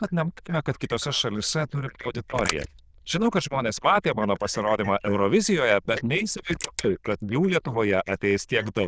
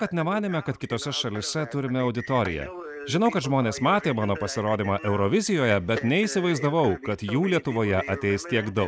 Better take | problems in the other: second | noise reduction (neural diffusion model UNIVERSE++)

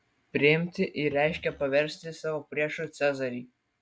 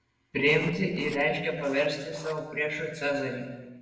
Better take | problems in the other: first | noise reduction (neural separator model SepFormer DNS4)

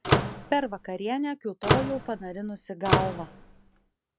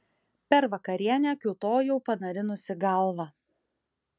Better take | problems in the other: second | background sound (Slam / Microwave oven); 3 dB above the speech

